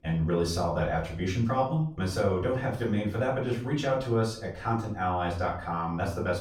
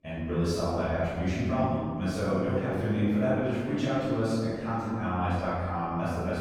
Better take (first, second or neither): first